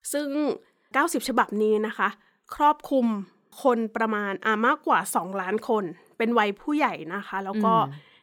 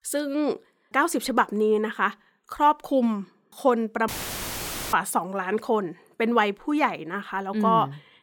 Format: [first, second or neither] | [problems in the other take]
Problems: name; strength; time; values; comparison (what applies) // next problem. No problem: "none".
first | audio cutting out; filled with static; at 4 s for 1 s